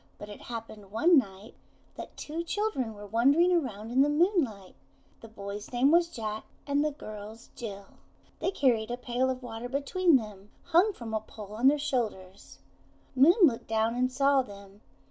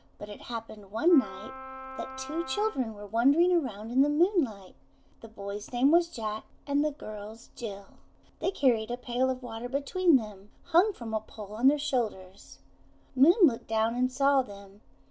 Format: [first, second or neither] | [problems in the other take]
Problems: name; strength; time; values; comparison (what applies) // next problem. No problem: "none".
first | background sound (Wind instrument, woodwind instrument); 13 dB below the speech